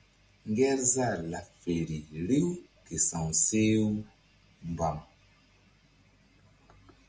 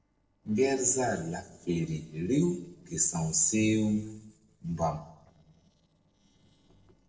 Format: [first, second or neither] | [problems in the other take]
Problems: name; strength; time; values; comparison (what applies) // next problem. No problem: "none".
first | noise reduction (neural separator model SepFormer DNS4)